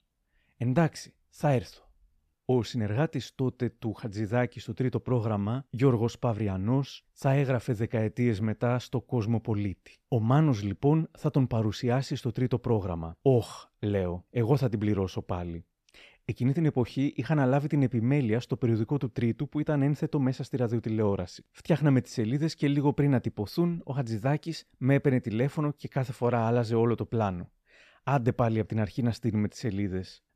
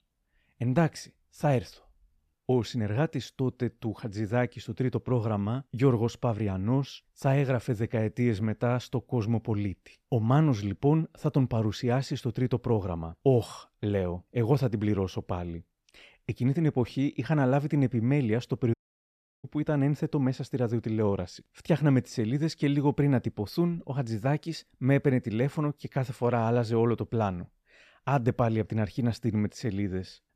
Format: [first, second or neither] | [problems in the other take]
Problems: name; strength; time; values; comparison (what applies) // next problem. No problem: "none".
first | audio cutting out; at 19 s for 0.5 s